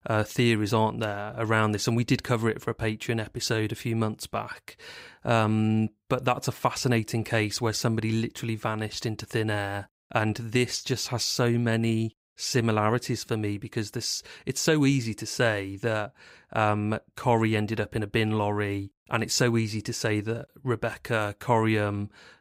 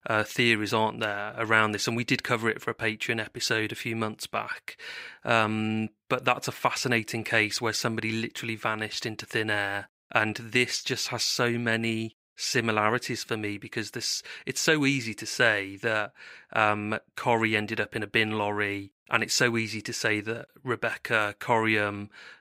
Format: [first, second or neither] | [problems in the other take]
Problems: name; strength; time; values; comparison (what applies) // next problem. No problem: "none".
first | thin; very slightly; fading below 450 Hz